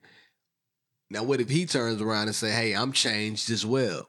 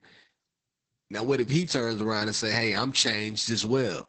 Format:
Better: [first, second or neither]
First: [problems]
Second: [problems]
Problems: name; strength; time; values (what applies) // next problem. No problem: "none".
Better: first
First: none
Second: garbled, watery; badly; nothing above 8 kHz